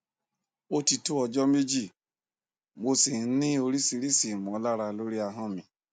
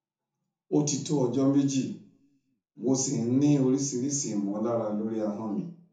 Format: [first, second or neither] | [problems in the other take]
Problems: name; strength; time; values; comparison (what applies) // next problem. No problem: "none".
first | room echo; dies away in 0.6 s